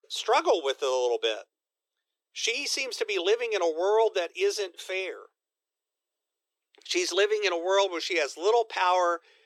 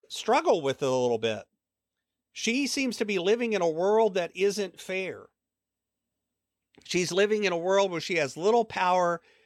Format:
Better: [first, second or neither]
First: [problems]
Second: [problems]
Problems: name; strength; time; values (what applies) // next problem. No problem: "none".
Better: second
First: thin; very; fading below 350 Hz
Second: none